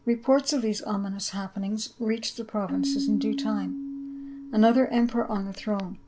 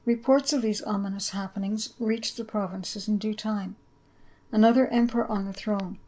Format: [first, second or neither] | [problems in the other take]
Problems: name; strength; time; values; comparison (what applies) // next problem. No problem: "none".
second | background sound (Keyboard (musical)); 8 dB below the speech